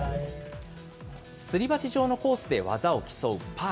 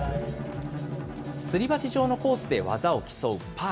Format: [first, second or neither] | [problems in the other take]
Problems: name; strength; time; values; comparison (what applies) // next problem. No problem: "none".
first | background sound (Bowed string instrument); 9 dB below the speech